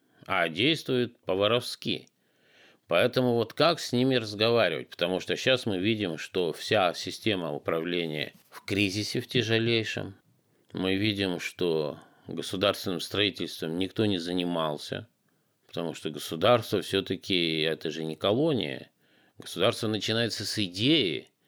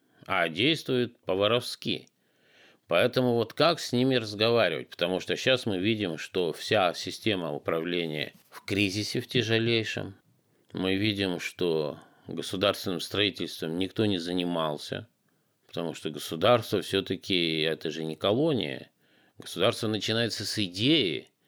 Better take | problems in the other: neither | none

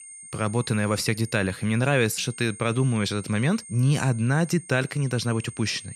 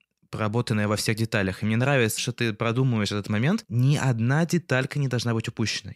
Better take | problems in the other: second | high-pitched whine; noticeable; throughout; 8.5 kHz, 15 dB below the speech

